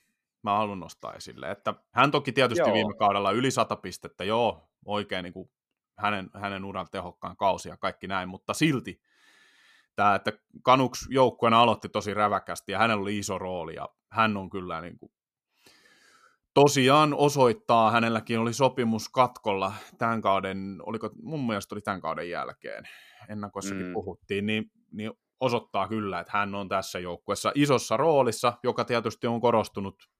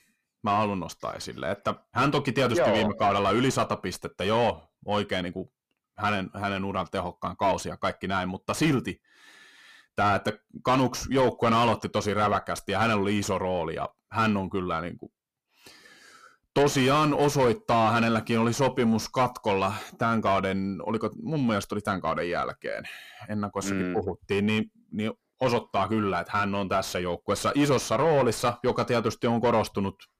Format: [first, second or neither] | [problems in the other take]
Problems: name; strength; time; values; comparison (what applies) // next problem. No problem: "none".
first | distortion; heavy; 7 dB below the speech